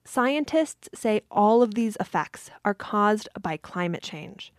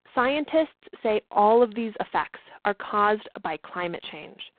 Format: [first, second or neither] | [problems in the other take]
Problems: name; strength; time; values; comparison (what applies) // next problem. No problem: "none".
first | phone-call audio; poor line